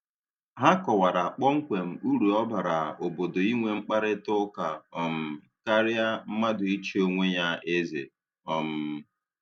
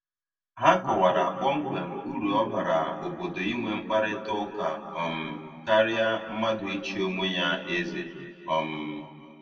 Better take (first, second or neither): first